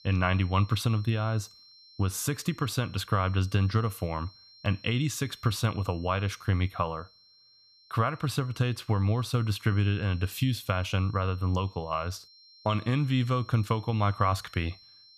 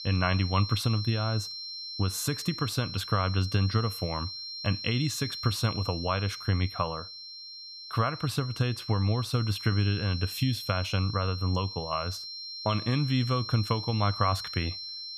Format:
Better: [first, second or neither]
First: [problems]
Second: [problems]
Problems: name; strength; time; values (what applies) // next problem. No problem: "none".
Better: first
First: high-pitched whine; faint; throughout; 4 kHz, 25 dB below the speech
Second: high-pitched whine; loud; throughout; 4 kHz, 8 dB below the speech